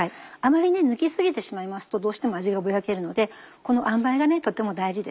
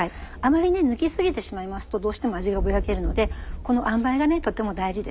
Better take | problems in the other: first | background sound (Thunder); 8 dB below the speech

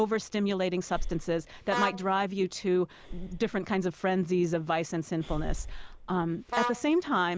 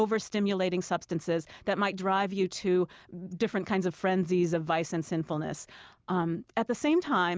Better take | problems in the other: second | background sound (Breathing + Vehicle horn, car horn, honking); 8 dB below the speech

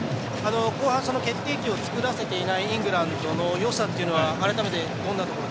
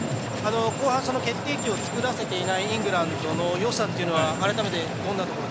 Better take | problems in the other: first | background sound (Clock); 18 dB below the speech

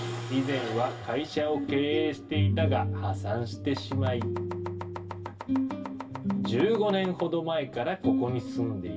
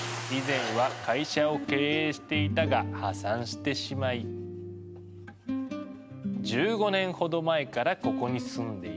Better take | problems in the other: second | background sound (Domestic sounds, home sounds); 14 dB below the speech // room echo; dies away in 0.1 s

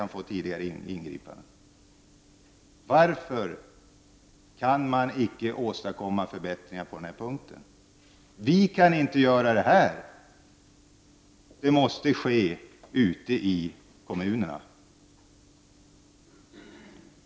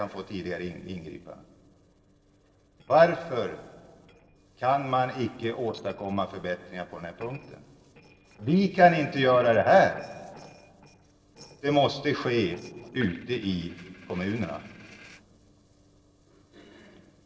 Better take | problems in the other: first | noise reduction (neural separator model SepFormer DNS4)

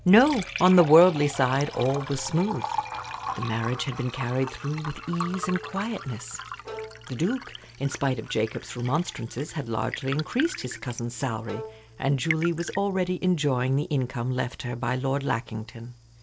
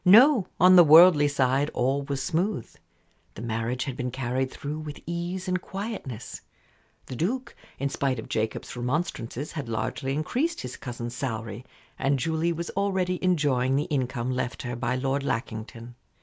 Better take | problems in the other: second | background sound (Bowed string instrument + Liquid); 12 dB below the speech

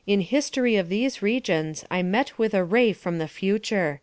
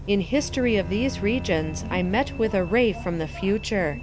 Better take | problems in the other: first | background sound (Bus + Bowed string instrument); 9 dB below the speech

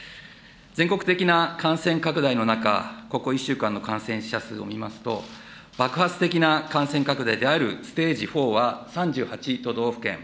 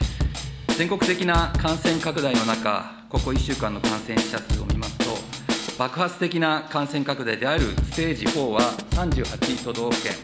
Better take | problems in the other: first | background sound (Drum kit); as loud as the speech

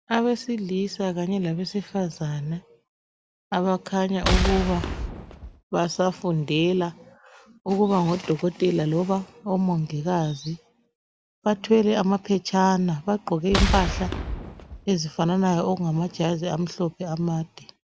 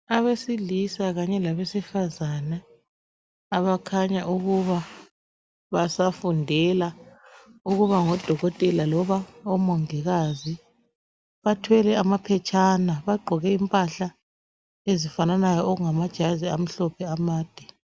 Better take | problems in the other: second | background sound (Boom); 1 dB below the speech

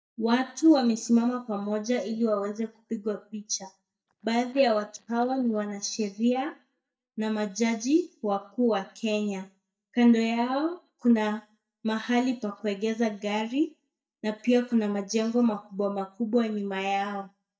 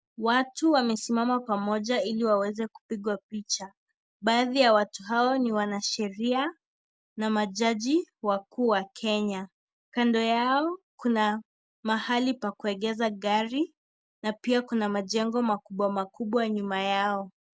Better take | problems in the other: second | noise reduction (neural mask model DeepFilterNet 3)

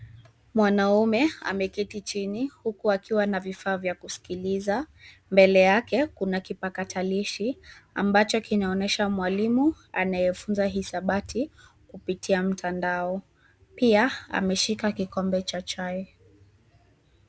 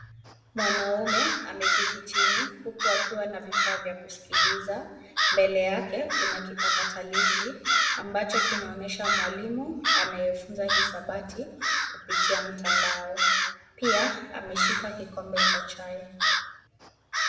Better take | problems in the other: first | background sound (Crow); 5 dB above the speech // room echo; dies away in 1 s

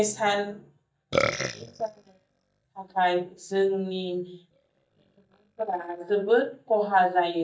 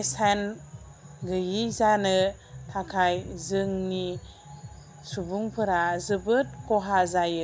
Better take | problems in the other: second | noise reduction (neural mask model DeepFilterNet 3)

